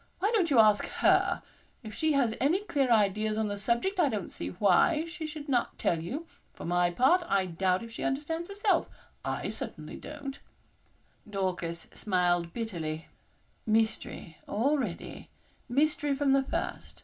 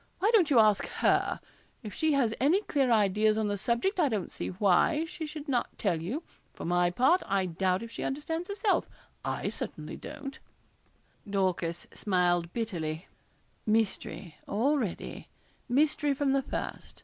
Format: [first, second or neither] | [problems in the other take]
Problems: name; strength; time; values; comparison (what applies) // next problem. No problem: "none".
second | room echo; dies away in 0.2 s